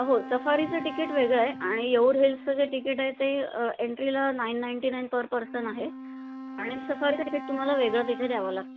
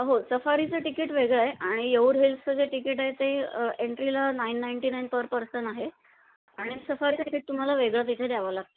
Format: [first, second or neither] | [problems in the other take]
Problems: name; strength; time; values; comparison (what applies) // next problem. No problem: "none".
second | background sound (Wind instrument, woodwind instrument); 13 dB below the speech